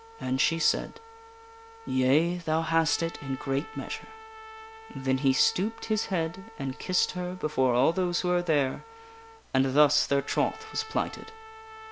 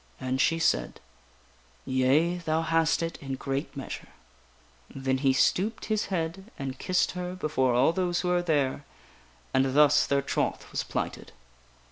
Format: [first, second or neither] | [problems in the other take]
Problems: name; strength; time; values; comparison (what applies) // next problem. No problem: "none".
second | background sound (Trumpet); 18 dB below the speech